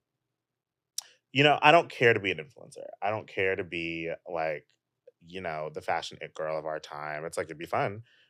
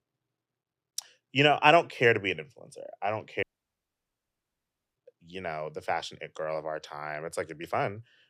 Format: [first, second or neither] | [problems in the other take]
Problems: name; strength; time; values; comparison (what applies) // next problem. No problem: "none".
first | audio cutting out; at 3.5 s for 1.5 s